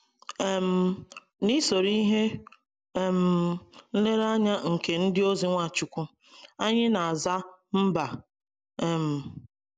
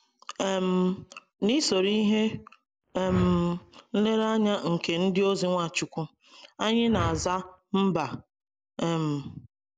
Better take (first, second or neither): first